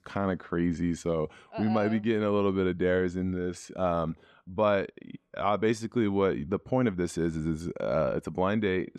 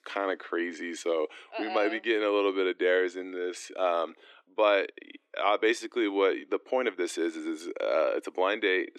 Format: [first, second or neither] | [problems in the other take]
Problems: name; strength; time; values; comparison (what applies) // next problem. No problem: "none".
first | thin; somewhat; fading below 300 Hz